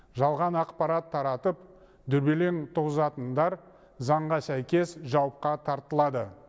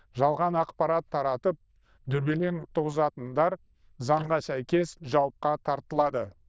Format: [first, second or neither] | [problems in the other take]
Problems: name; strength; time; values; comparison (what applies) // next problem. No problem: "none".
first | noise reduction (neural diffusion model UNIVERSE++)